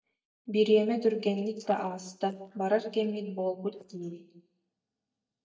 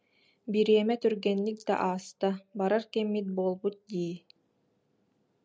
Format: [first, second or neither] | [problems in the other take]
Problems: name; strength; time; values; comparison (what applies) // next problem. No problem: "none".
second | noise reduction (neural mask model DeepFilterNet 3)